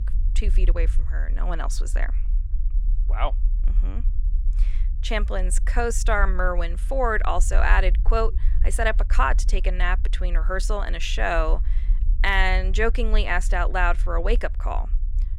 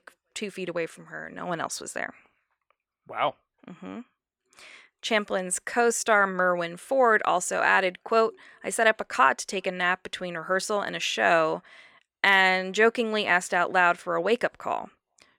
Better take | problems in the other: second | low rumble; faint; throughout; 25 dB below the speech

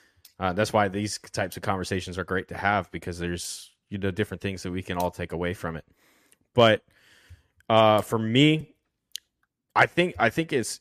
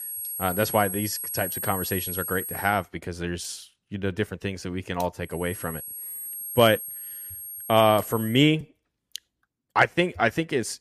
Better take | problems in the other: first | high-pitched whine; loud; until 2.5 s and from 5.5 to 8.5 s; 11.5 kHz, 7 dB below the speech

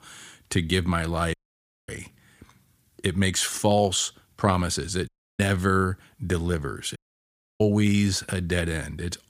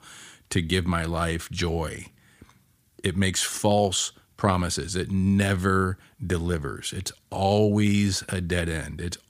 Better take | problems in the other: second | audio cutting out; at 1.5 s for 0.5 s, at 5 s and at 7 s for 0.5 s

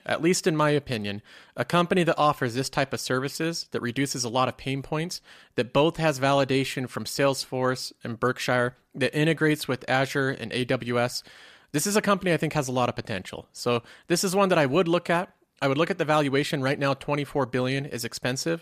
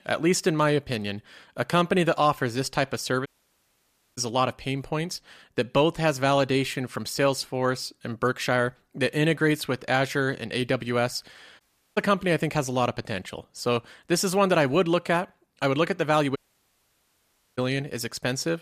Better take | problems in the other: first | audio cutting out; at 3.5 s for 1 s, at 12 s and at 16 s for 1 s

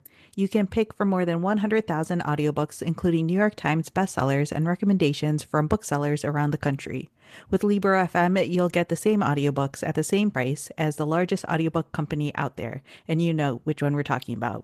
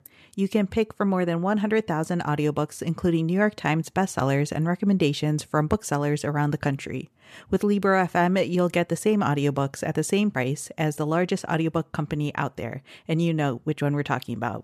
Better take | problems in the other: second | garbled, watery; slightly; nothing above 14 kHz

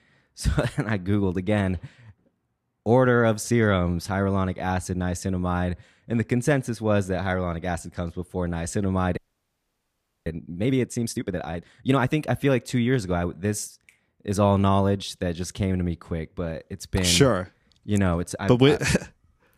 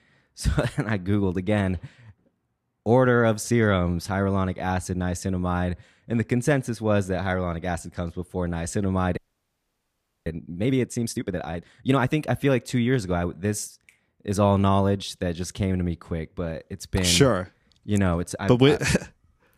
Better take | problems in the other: neither | audio freezing; at 9 s for 1 s; the same in both

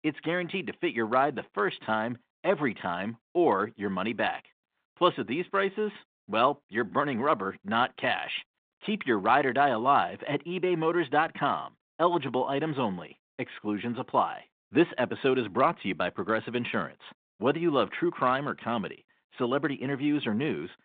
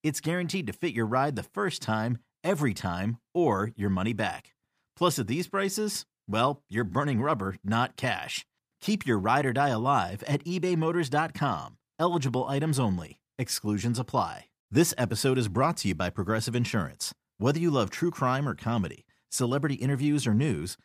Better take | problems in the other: second | phone-call audio; nothing above 3.5 kHz

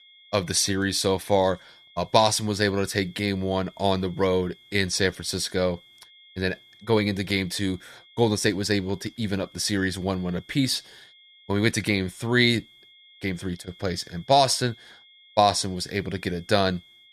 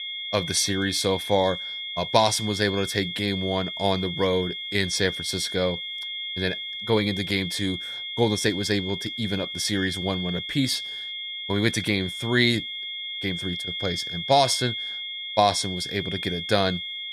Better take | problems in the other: first | high-pitched whine; loud; throughout; 3.5 kHz, 5 dB below the speech; faint in the first

